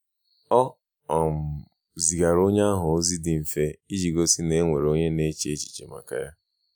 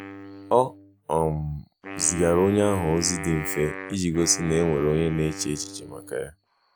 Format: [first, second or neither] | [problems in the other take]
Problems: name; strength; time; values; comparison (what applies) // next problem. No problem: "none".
first | background sound (Wind instrument, woodwind instrument); 13 dB below the speech